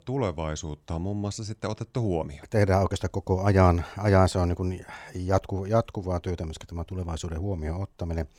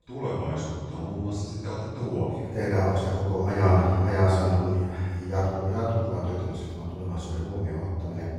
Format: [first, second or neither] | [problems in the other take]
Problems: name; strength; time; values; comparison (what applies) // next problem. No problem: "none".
first | off-mic speech; far // room echo; strong; dies away in 1.9 s